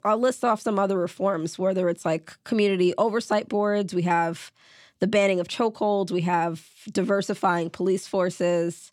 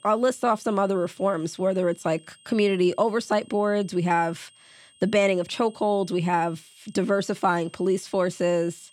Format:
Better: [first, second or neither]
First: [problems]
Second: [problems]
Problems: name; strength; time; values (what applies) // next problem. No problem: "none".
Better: first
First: none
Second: high-pitched whine; faint; throughout; 8.5 kHz, 30 dB below the speech